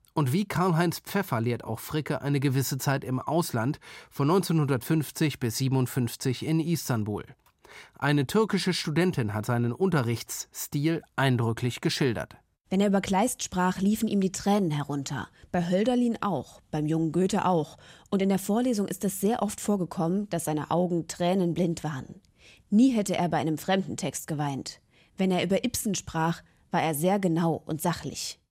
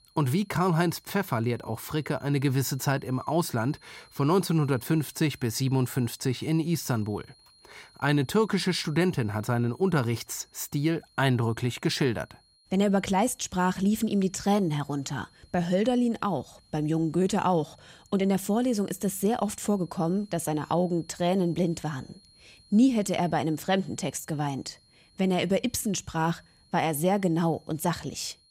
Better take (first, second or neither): first